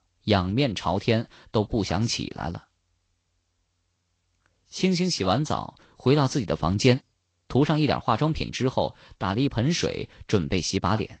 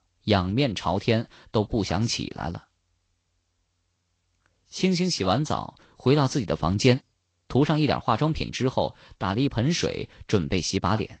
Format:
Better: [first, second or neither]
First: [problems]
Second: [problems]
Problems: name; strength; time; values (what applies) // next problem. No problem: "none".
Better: neither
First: garbled, watery; slightly; nothing above 7 kHz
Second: garbled, watery; slightly; nothing above 7 kHz